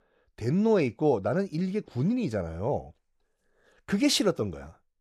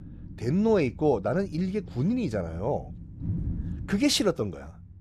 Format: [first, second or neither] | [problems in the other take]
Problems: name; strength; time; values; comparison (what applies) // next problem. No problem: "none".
first | wind noise on the microphone; occasional gusts; 20 dB below the speech